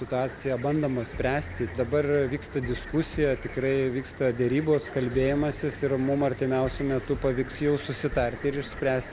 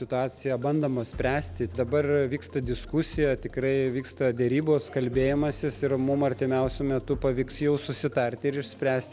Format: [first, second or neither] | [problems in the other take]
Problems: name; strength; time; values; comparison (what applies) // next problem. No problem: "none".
second | background sound (Cricket); 15 dB below the speech